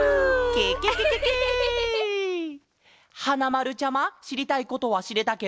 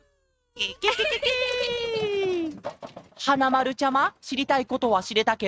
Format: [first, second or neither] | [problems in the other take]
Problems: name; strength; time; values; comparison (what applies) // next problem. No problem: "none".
first | noise reduction (neural mask model RNNoise)